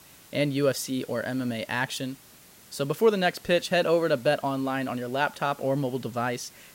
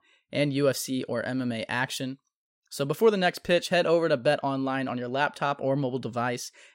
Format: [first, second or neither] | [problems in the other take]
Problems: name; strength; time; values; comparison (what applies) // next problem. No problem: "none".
second | hiss; faint; throughout; 25 dB below the speech